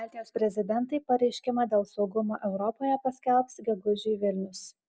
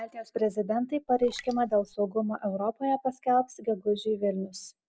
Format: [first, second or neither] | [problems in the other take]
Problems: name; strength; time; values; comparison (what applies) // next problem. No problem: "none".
first | background sound (Raindrop); 20 dB below the speech